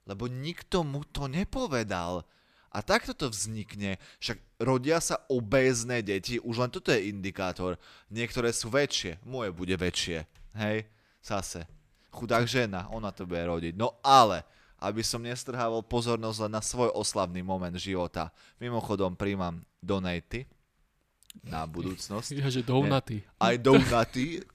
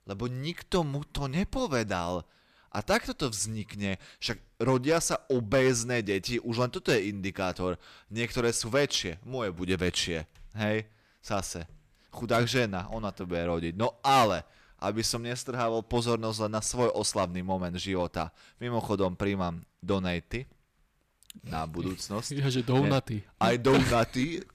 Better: first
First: none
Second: distortion; slight; 1.8% of the sound clipped

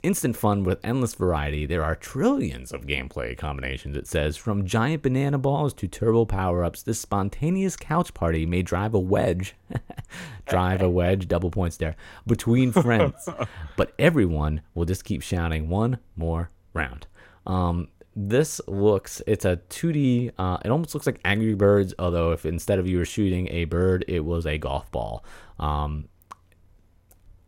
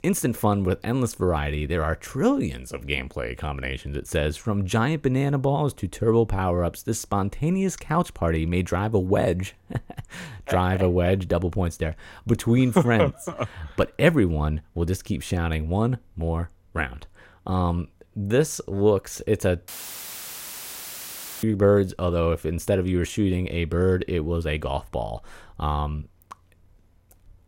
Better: first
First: none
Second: audio cutting out; filled with static; at 20 s for 2 s

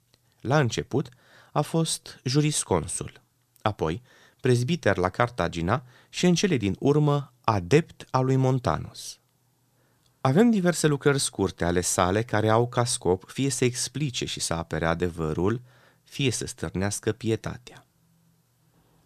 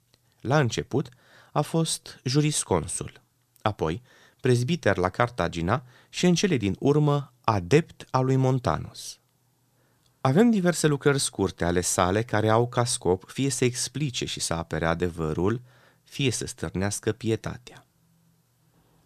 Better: neither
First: none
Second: none

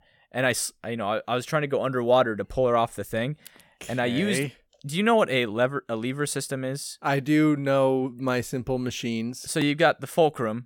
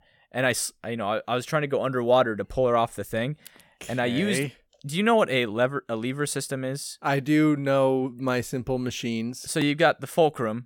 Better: neither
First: none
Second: none

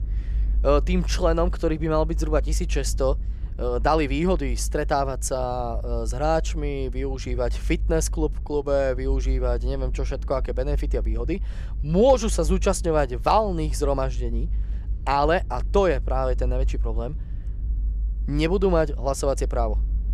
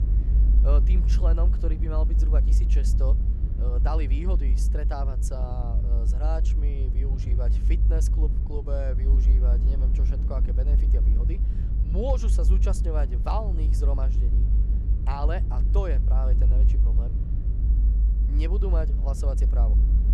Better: first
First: low rumble; faint; throughout; 25 dB below the speech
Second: low rumble; loud; throughout; 6 dB below the speech

